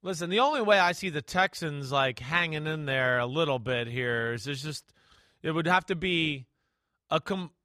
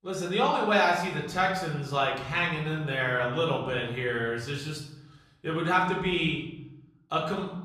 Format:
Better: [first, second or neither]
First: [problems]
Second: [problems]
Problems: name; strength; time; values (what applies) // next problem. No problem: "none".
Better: first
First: none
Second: room echo; noticeable; dies away in 0.7 s // off-mic speech; far